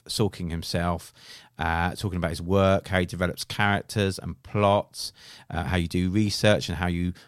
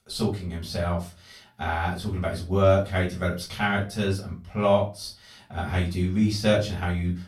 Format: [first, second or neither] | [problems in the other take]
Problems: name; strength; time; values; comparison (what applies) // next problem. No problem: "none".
first | off-mic speech; far // room echo; slight; dies away in 0.3 s